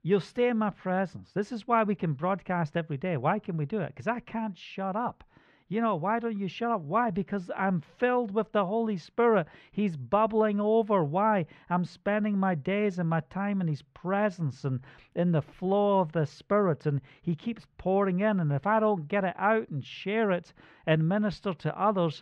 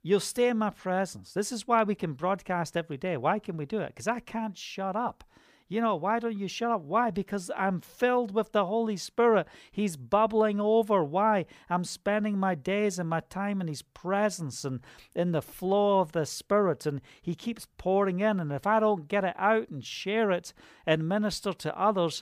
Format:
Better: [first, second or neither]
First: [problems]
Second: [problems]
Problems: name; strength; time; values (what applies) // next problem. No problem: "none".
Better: second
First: muffled; slightly; fading above 2.5 kHz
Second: none